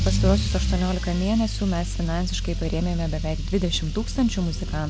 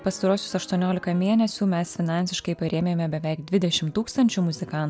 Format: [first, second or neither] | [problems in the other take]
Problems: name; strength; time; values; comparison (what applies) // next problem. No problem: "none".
second | background sound (Engine starting / Accelerating, revving, vroom / Car); as loud as the speech